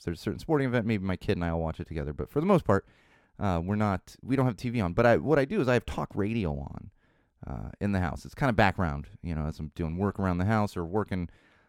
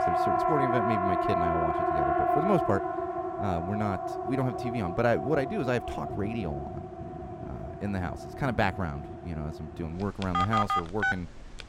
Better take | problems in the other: first | alarms or sirens; very loud; throughout; 1 dB above the speech

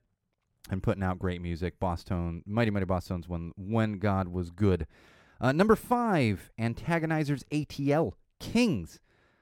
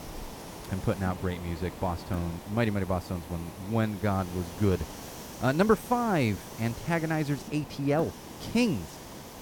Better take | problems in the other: first | hiss; noticeable; throughout; 15 dB below the speech

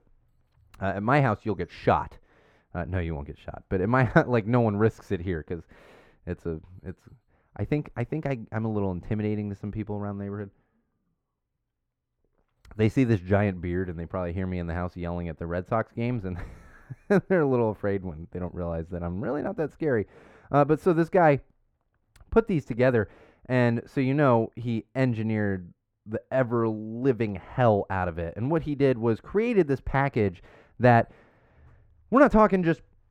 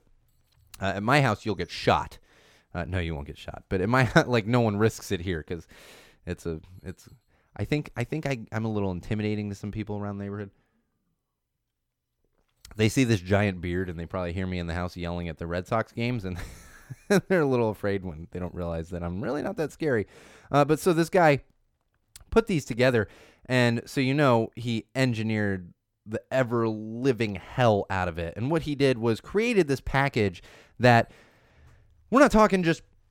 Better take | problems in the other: second | muffled; slightly; fading above 2.5 kHz

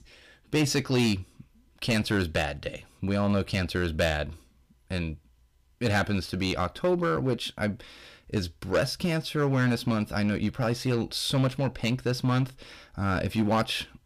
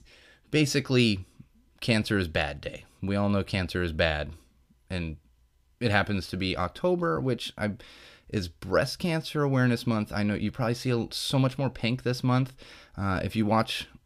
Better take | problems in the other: second | distortion; slight; 4% of the sound clipped

